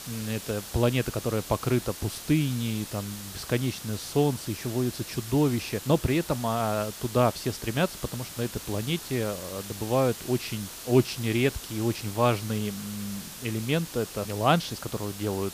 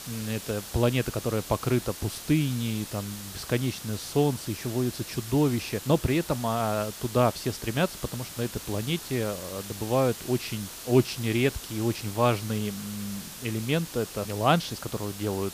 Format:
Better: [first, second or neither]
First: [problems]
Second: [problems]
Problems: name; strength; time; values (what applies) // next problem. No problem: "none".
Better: neither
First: hiss; noticeable; throughout; 10 dB below the speech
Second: hiss; noticeable; throughout; 10 dB below the speech